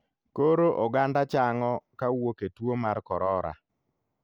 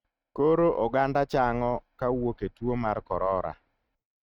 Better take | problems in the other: first | noise reduction (neural mask model RNNoise)

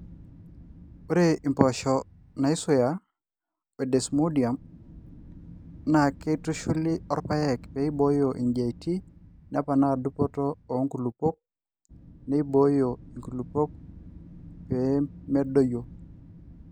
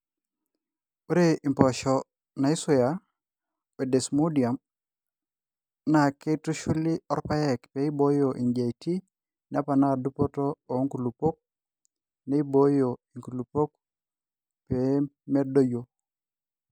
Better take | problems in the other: second | background sound (Wind); 19 dB below the speech

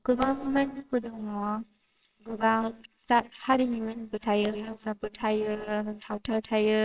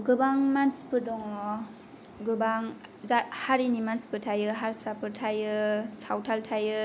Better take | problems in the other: second | noise reduction (neural separator model SepFormer WHAMR!)

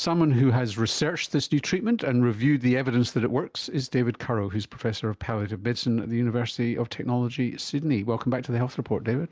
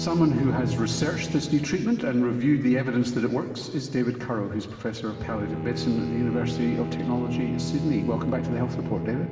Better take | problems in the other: first | background sound (Bowed string instrument); 7 dB below the speech // room echo; dies away in 2.8 s

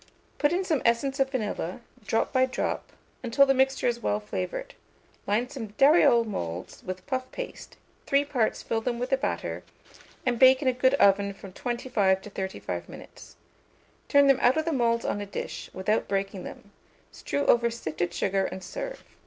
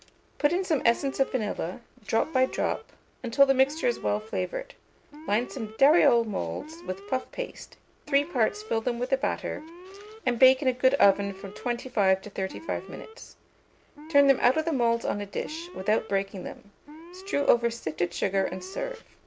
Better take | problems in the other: first | background sound (Alarm); 19 dB below the speech

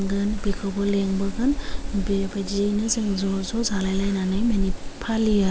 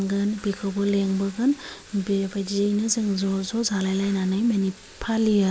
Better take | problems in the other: second | background sound (Train); 4 dB below the speech

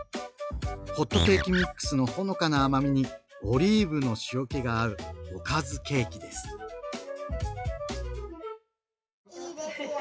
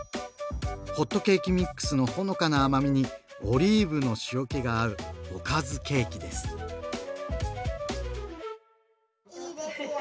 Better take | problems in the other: second | noise reduction (classical method log-MMSE)

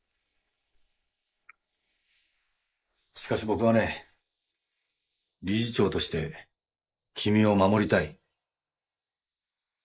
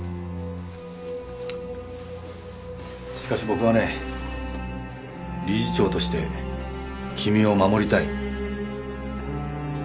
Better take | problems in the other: second | noise reduction (neural mask model Resemble Enhance denoiser)

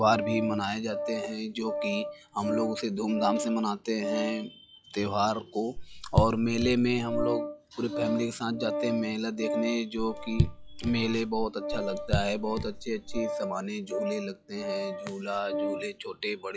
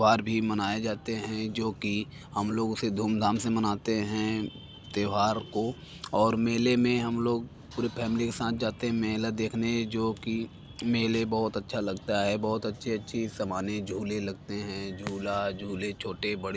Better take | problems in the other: second | noise reduction (classical method log-MMSE)

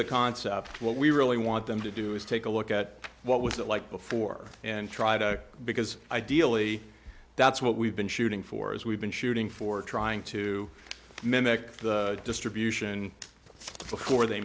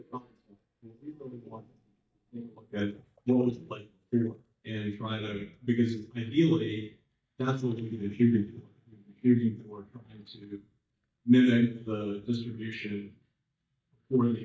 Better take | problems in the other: first | noise reduction (neural mask model DeepFilterNet 3)

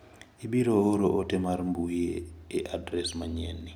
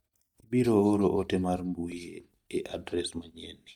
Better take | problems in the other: first | noise reduction (neural mask model DeepFilterNet 3)

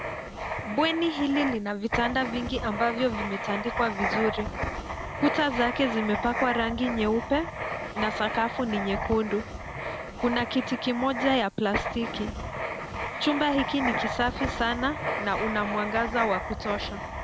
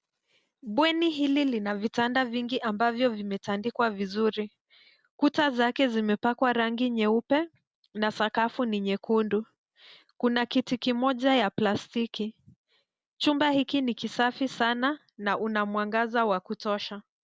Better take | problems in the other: second | background sound (Writing); 4 dB below the speech

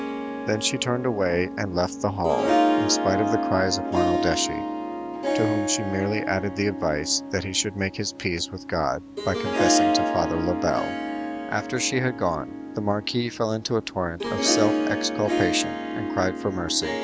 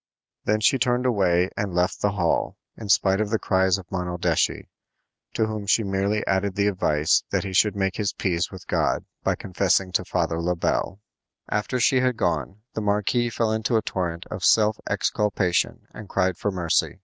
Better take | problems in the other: second | background sound (Harp); 1 dB below the speech

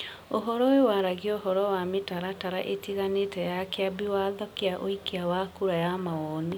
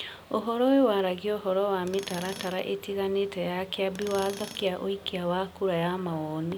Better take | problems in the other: first | background sound (Tools); 16 dB below the speech

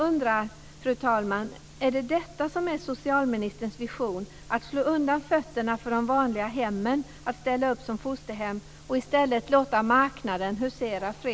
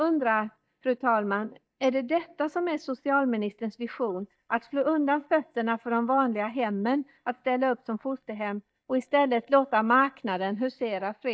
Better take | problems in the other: first | noise reduction (neural mask model DeepFilterNet 3)

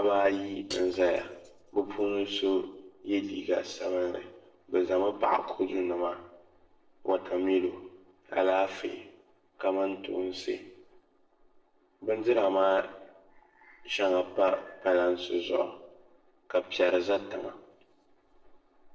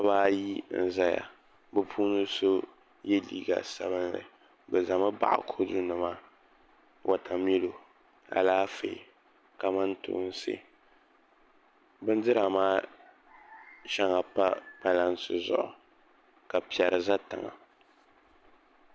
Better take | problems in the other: second | noise reduction (neural separator model SepFormer DNS4)

